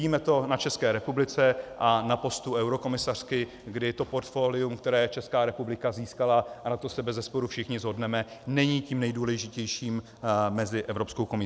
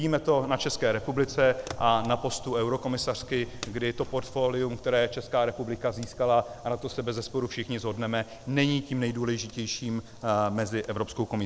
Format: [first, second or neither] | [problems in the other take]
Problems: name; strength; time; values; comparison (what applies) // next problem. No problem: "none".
first | background sound (Fire); 16 dB below the speech